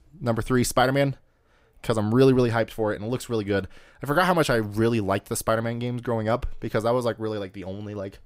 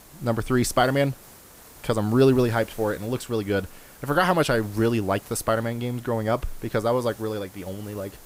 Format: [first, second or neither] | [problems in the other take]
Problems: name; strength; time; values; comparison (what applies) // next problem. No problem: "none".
first | hiss; faint; throughout; 20 dB below the speech